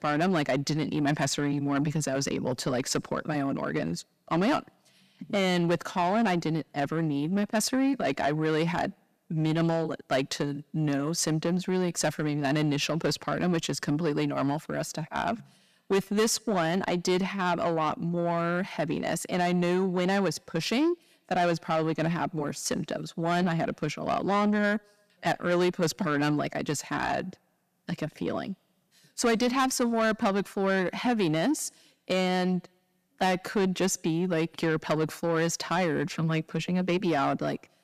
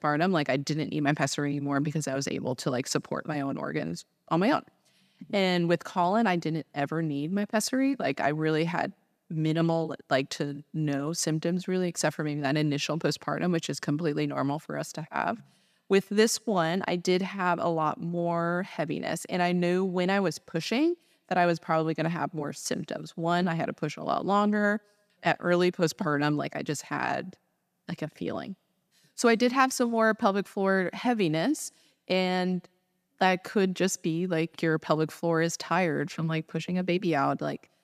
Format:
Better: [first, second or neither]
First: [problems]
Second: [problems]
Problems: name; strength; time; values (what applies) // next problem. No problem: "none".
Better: second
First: distortion; slight; 10 dB below the speech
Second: none